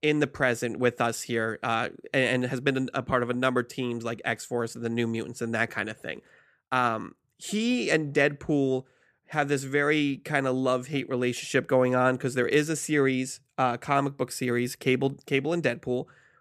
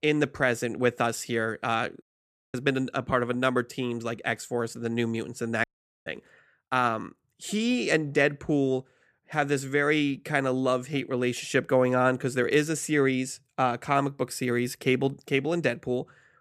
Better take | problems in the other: first | audio cutting out; at 2 s for 0.5 s and at 5.5 s

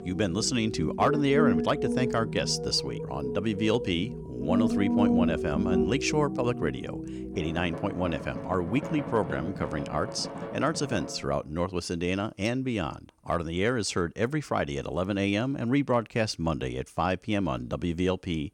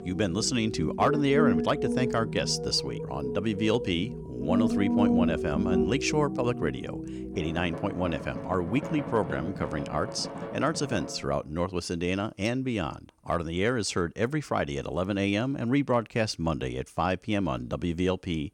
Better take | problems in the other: neither | background music; loud; until 14 s; 3 dB below the speech; the same in both

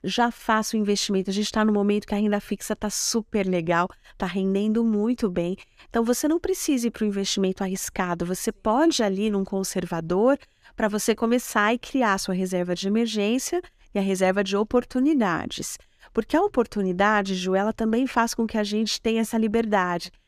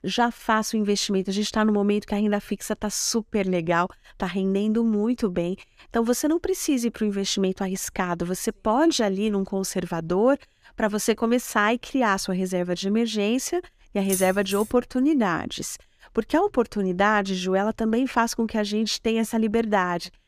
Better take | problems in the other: first | jangling keys; noticeable; at 14 s; peak 5 dB below the speech

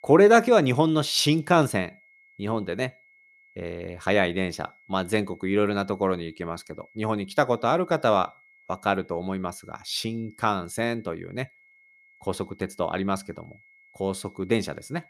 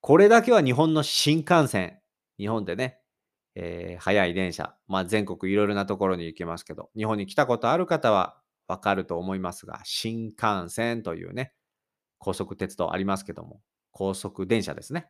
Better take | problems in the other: second | high-pitched whine; faint; throughout; 2 kHz, 30 dB below the speech

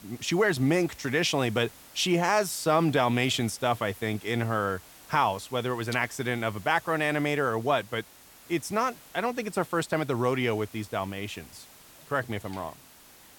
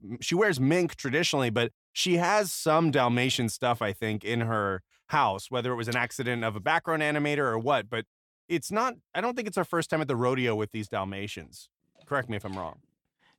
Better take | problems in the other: second | hiss; faint; throughout; 20 dB below the speech

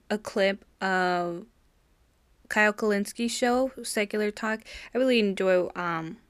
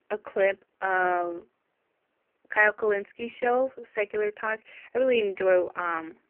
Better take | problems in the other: first | phone-call audio; poor line; nothing above 3 kHz

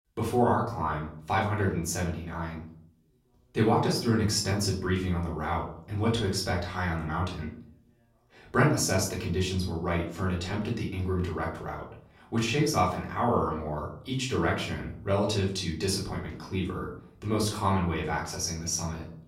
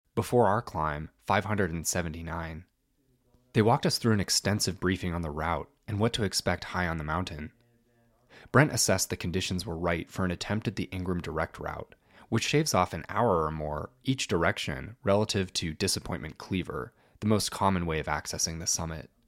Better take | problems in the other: second | off-mic speech; far // room echo; slight; dies away in 0.5 s

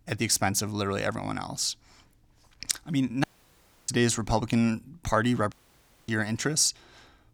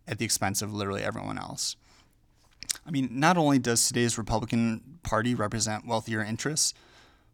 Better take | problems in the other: second | audio cutting out; at 3 s for 0.5 s and at 5.5 s for 0.5 s

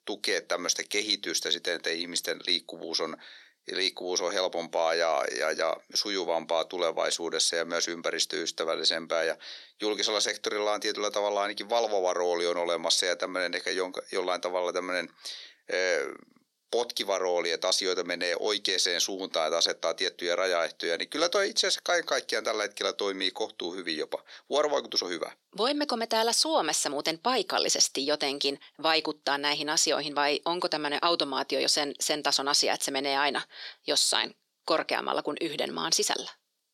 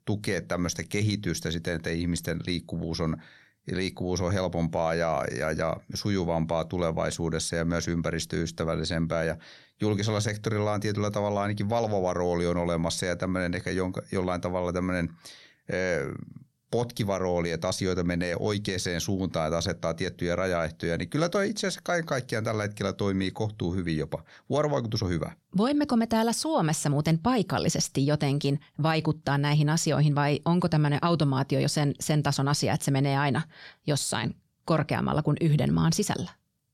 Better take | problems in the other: second | thin; very; fading below 350 Hz

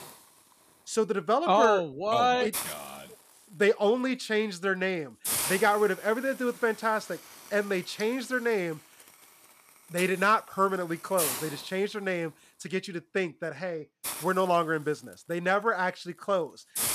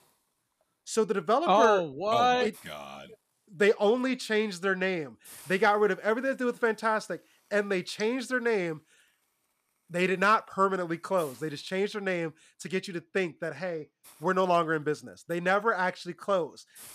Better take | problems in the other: second | hiss; loud; throughout; 8 dB below the speech; faint in the second

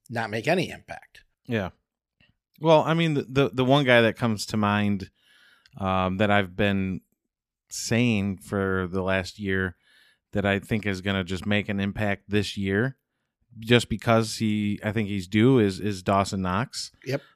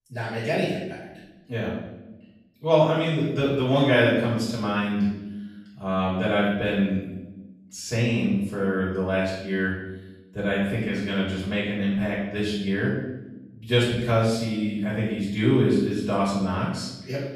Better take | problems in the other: first | off-mic speech; far // room echo; noticeable; dies away in 0.9 s

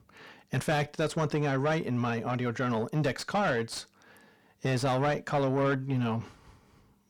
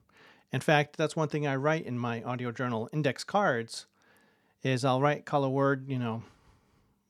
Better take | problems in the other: second | distortion; heavy; 6 dB below the speech

